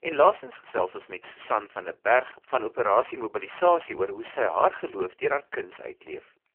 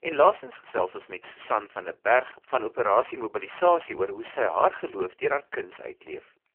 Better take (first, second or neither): neither